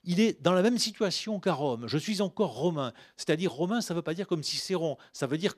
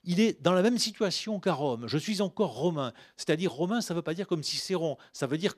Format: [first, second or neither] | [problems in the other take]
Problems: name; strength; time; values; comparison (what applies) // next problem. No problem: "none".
neither | none